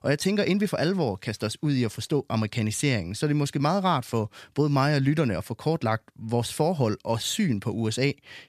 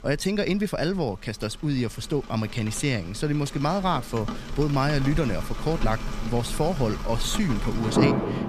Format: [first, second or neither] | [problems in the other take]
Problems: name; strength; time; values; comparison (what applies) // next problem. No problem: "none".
first | rain or running water; loud; throughout; 5 dB below the speech